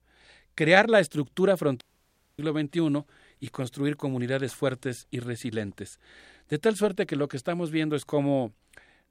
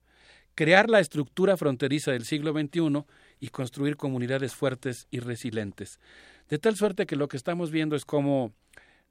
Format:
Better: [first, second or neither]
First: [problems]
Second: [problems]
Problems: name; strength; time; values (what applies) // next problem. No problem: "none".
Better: second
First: audio cutting out; at 2 s for 0.5 s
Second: none